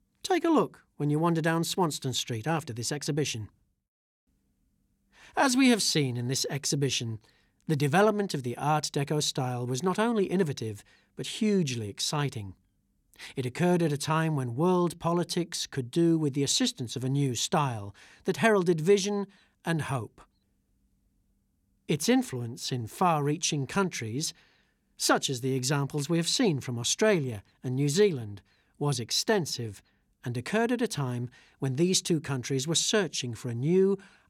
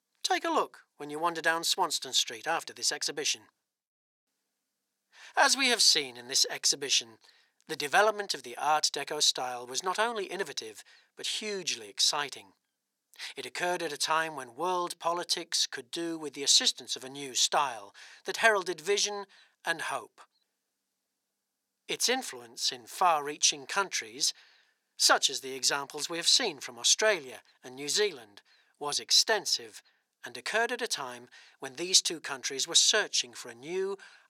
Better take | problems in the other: first | thin; very; fading below 700 Hz

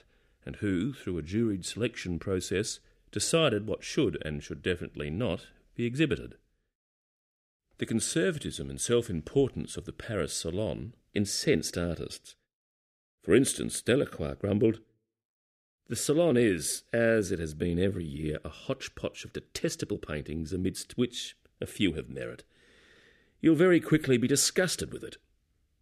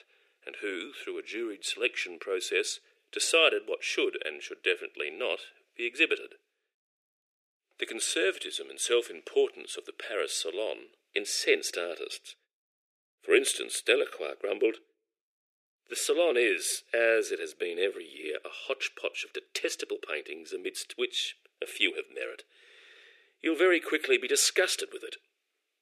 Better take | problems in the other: first | thin; very; fading below 400 Hz

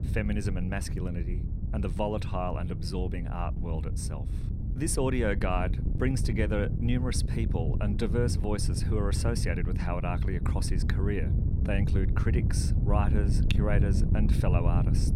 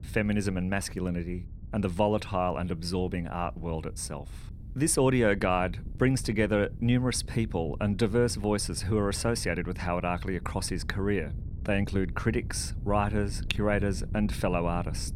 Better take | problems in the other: second | wind noise on the microphone; heavy; 8 dB below the speech; occasional gusts in the second

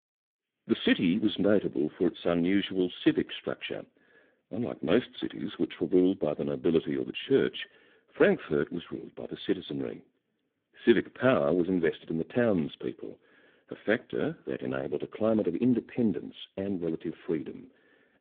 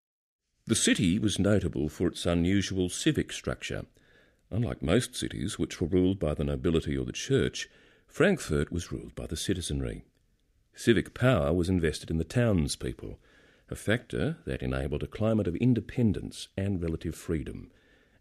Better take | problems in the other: second | phone-call audio; poor line

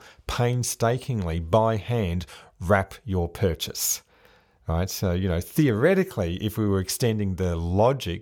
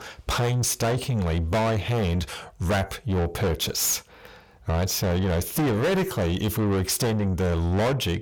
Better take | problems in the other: first | distortion; heavy; 6 dB below the speech

